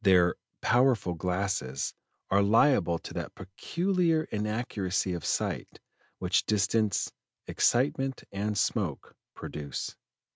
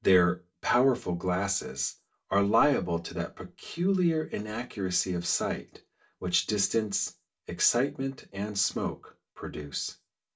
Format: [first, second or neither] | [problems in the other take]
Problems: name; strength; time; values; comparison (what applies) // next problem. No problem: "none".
first | room echo; dies away in 0.2 s